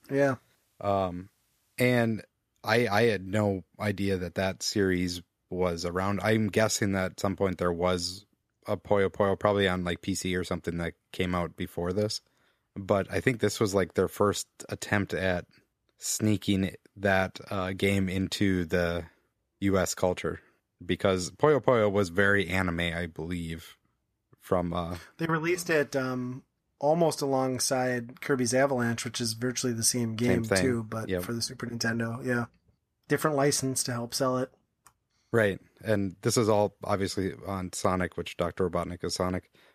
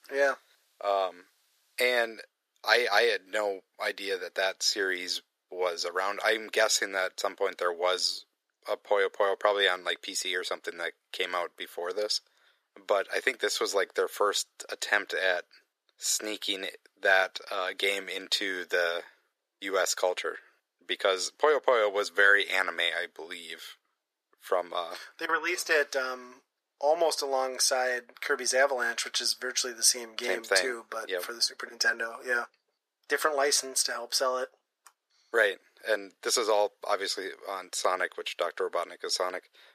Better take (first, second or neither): first